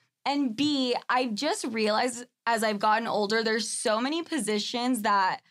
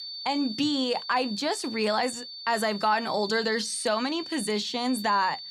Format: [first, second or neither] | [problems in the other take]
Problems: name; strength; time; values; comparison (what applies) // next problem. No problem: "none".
first | high-pitched whine; loud; throughout; 4.5 kHz, 10 dB below the speech